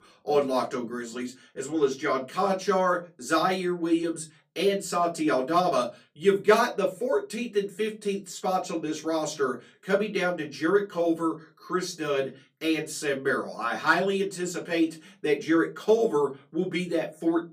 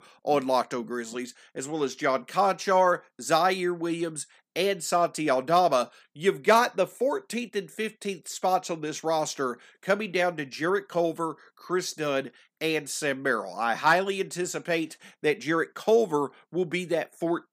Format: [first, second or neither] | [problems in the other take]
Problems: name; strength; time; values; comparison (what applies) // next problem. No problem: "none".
second | off-mic speech; far // room echo; very slight; dies away in 0.3 s